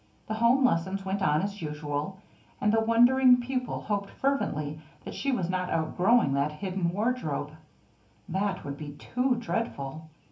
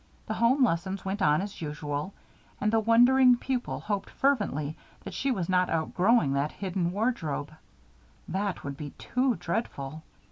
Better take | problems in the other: second | room echo; dies away in 0.3 s

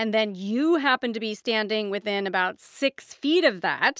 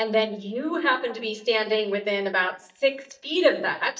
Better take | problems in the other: first | noise reduction (neural mask model DeepFilterNet 3)

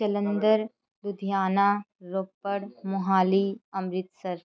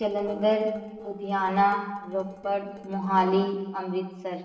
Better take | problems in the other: first | noise reduction (neural separator model SepFormer DNS4)

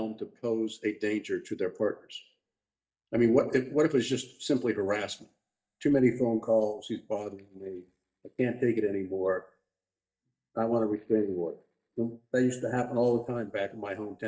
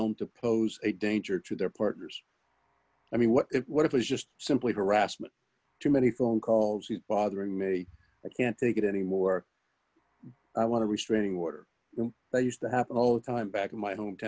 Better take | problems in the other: second | noise reduction (neural mask model DeepFilterNet 3)

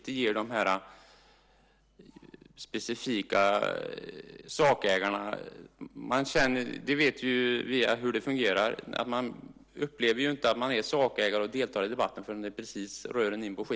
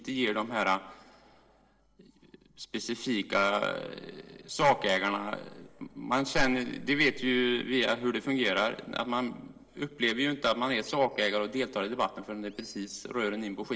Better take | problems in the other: first | noise reduction (neural separator model SepFormer DNS4)

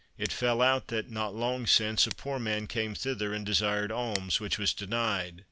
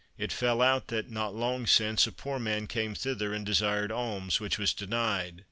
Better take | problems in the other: second | background sound (Scissors); 18 dB below the speech

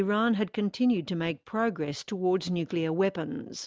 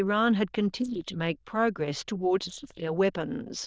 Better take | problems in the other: first | noise reduction (neural diffusion model UNIVERSE++)

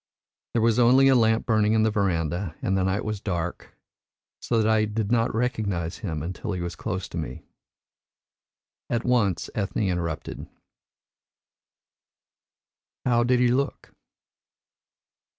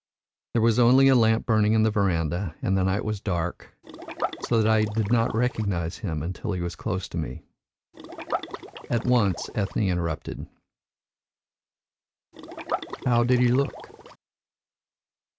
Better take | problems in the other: first | background sound (Liquid); 10 dB below the speech

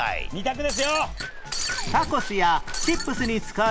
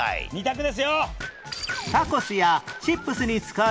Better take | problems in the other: second | background sound (Walk, footsteps + Shatter); 5 dB below the speech

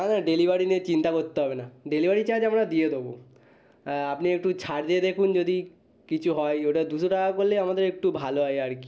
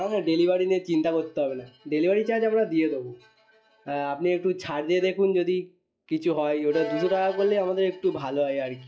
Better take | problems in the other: first | noise reduction (classical method log-MMSE)

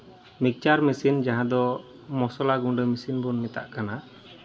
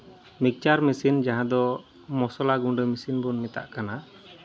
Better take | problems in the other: second | room echo; dies away in 2.1 s

